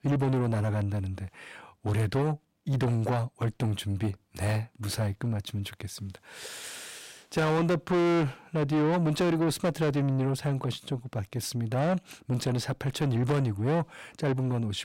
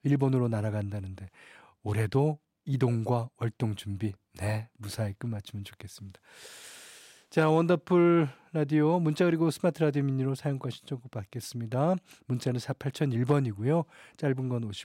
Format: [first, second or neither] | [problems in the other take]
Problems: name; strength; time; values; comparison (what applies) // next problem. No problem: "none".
second | distortion; heavy; 7 dB below the speech